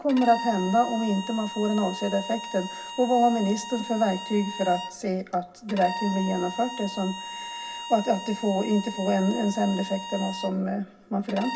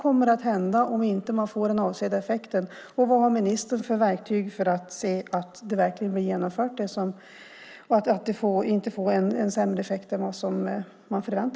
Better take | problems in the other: second | background sound (Bowed string instrument); 11 dB below the speech // room echo; dies away in 0.4 s

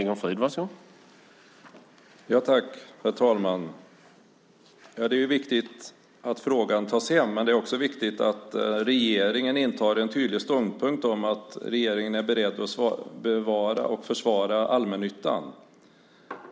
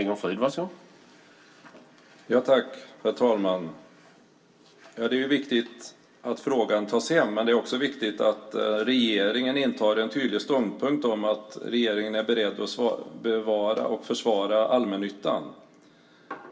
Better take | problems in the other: first | room echo; dies away in 0.2 s

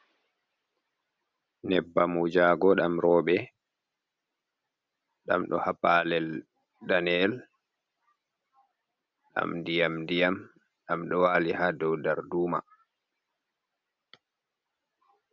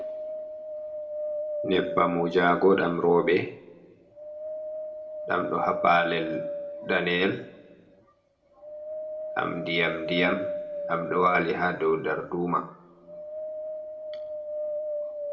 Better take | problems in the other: first | background sound (Wind); 7 dB below the speech // room echo; dies away in 0.6 s

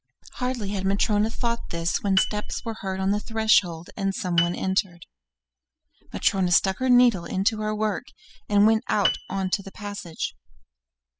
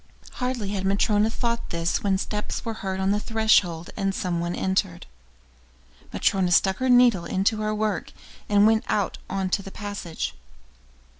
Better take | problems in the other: second | noise reduction (classical method spectral subtraction)

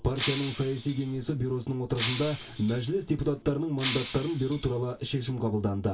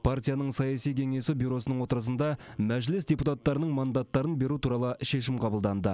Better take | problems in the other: second | background sound (Shatter); 10 dB below the speech // room echo; dies away in 0.1 s

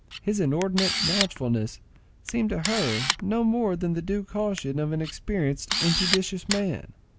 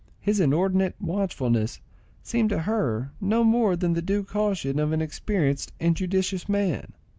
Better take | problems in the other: second | background sound (Camera); 5 dB below the speech

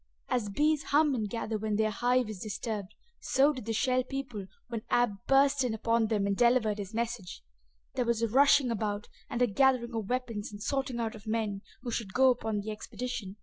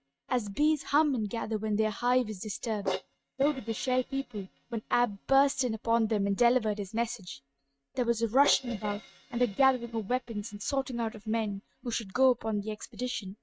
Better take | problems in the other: first | noise reduction (neural mask model RNNoise)

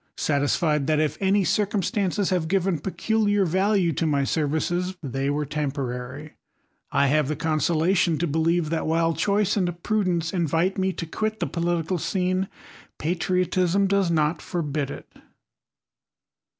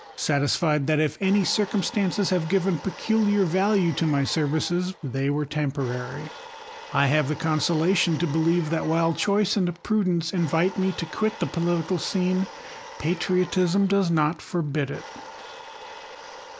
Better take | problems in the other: first | background sound (Domestic sounds, home sounds); 17 dB below the speech

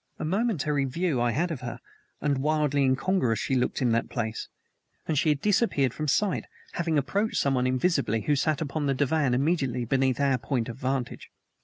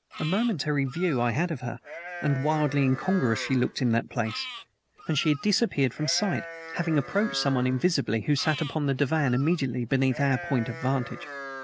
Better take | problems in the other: first | background sound (Livestock, farm animals, working animals); 14 dB below the speech

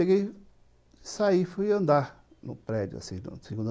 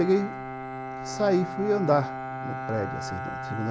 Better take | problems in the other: first | background sound (Bowed string instrument); 7 dB below the speech

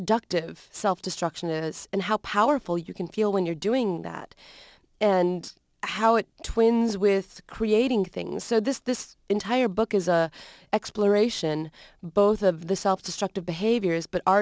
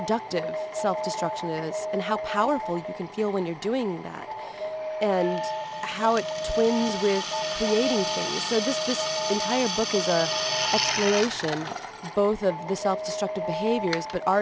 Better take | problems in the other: first | background sound (Alarm + Drill); 3 dB below the speech

